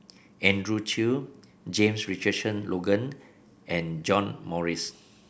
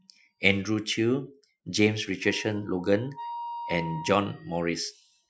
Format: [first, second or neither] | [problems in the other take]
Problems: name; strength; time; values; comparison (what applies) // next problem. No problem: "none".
first | noise reduction (classical method Wiener filter)